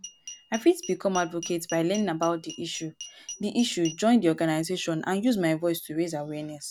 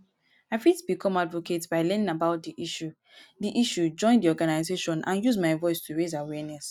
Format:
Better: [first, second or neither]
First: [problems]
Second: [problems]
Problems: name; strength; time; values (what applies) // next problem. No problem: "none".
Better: second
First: background sound (Glass); 16 dB below the speech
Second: none